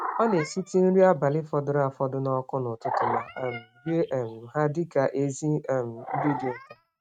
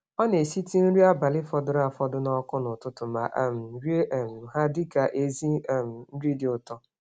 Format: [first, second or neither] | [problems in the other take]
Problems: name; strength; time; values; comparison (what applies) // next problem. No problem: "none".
second | noise reduction (neural mask model RNNoise)